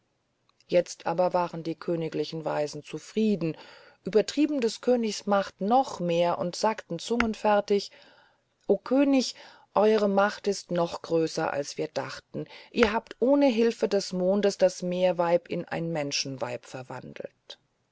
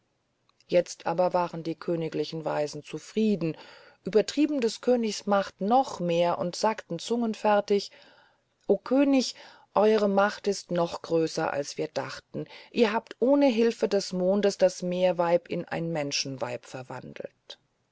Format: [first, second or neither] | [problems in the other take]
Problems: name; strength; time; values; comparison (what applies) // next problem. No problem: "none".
second | background sound (Tap / Hammer); 15 dB below the speech